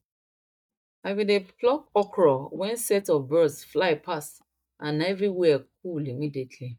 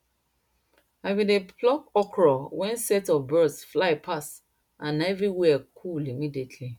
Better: second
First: noise reduction (neural mask model DeepFilterNet 3)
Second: none

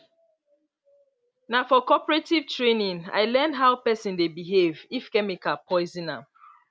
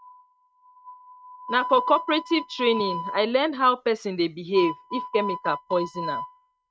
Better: first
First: none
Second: noise reduction (neural mask model RNNoise)

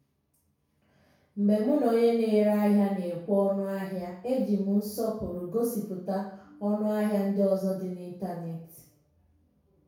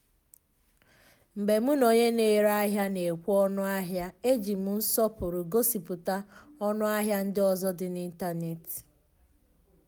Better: second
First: room echo; dies away in 0.6 s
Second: none

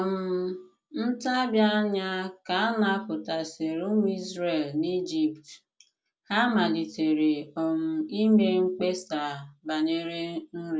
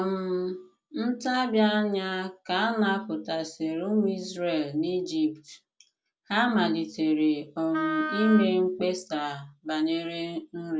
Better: first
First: none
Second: background sound (Wind instrument, woodwind instrument); 6 dB below the speech

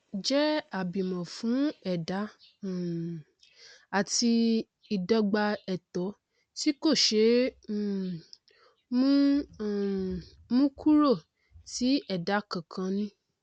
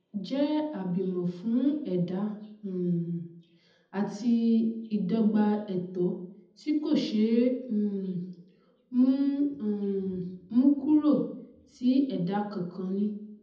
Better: first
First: none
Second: room echo; dies away in 0.8 s

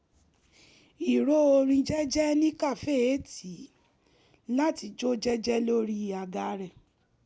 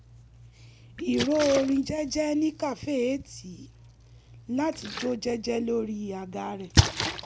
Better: first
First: none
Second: background sound (Splash, splatter); 4 dB below the speech

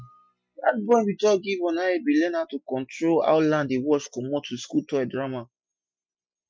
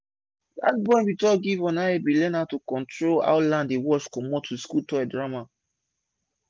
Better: second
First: noise reduction (classical method Wiener filter)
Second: none

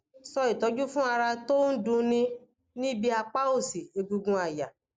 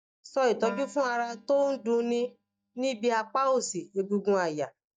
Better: first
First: none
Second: noise reduction (neural mask model DeepFilterNet 3)

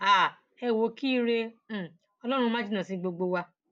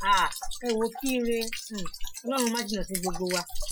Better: first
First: none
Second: noise reduction (classical method Wiener filter)

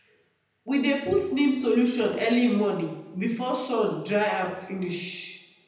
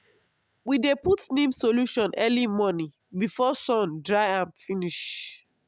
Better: second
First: room echo; dies away in 0.9 s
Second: none

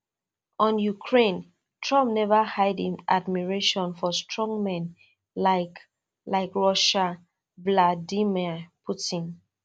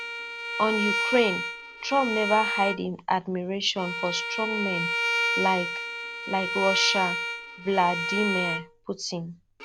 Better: first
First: none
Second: background sound (Bowed string instrument); 2 dB below the speech

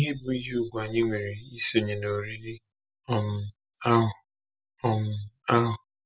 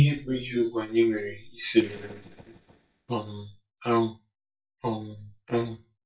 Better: first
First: none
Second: noise reduction (neural mask model DeepFilterNet 3)

